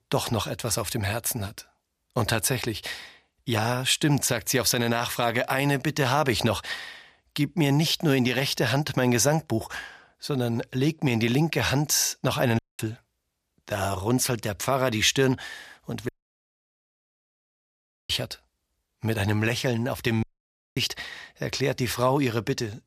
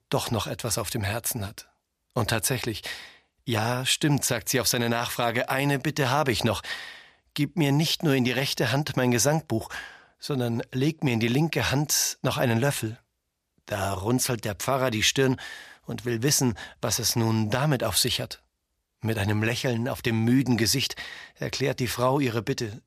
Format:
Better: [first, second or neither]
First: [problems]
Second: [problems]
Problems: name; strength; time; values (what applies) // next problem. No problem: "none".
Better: second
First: audio cutting out; at 13 s, at 16 s for 2 s and at 20 s for 0.5 s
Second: none